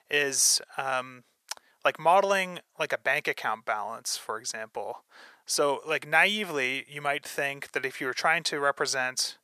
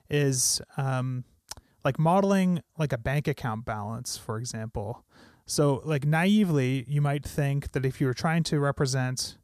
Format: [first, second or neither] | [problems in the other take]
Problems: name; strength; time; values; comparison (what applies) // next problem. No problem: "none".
second | thin; very; fading below 600 Hz